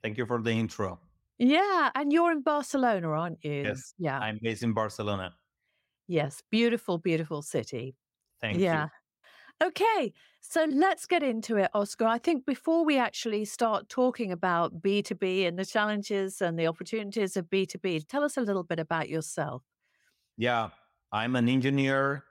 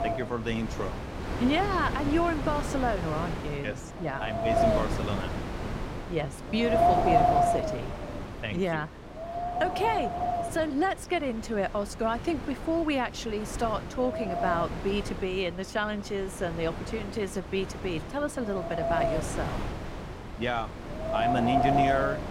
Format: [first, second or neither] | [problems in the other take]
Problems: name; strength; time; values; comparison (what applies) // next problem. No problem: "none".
first | wind noise on the microphone; heavy; 2 dB above the speech